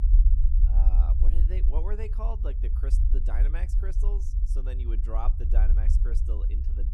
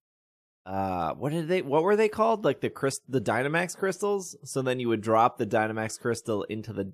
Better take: second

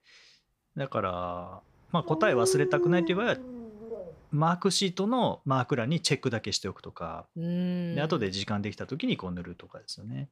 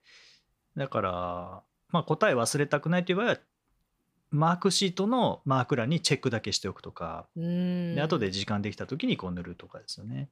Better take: second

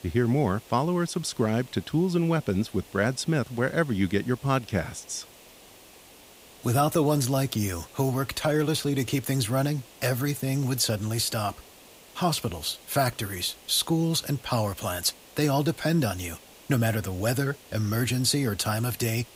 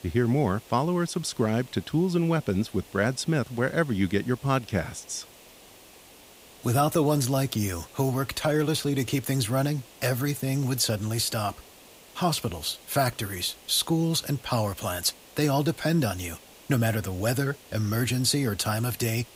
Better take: neither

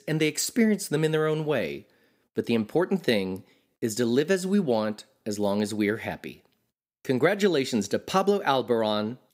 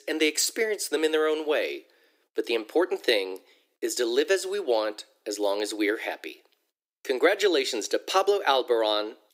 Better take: first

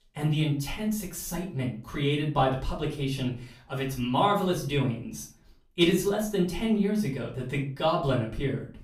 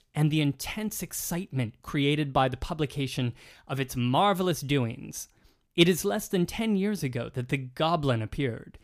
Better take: second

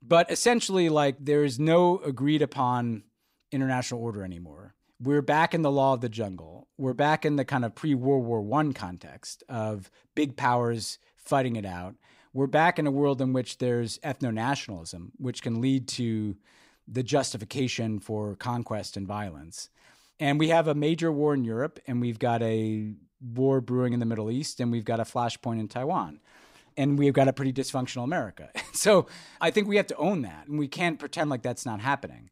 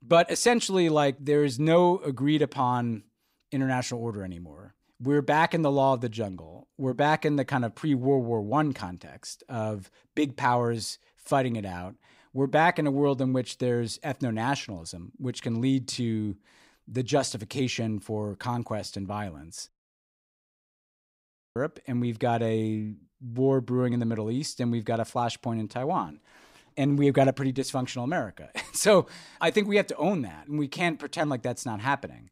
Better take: first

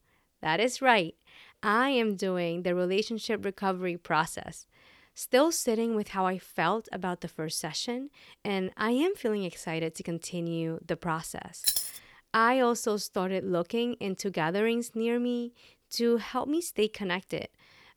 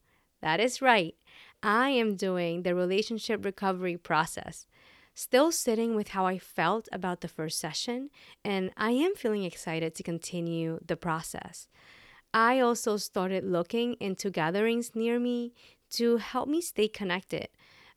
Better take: second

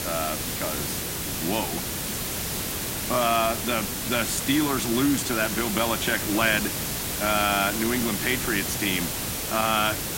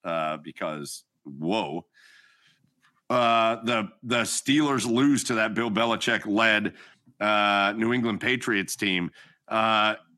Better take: second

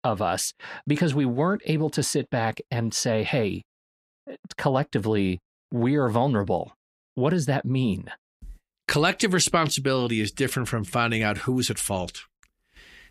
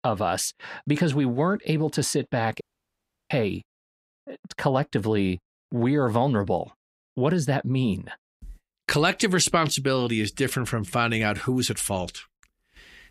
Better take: first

